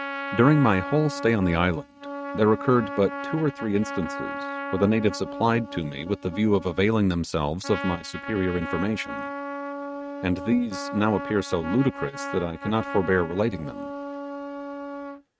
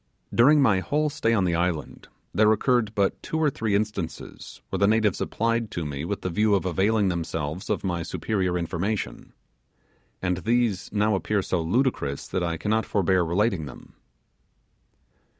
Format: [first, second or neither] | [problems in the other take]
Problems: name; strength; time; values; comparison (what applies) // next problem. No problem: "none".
second | noise reduction (neural mask model RNNoise)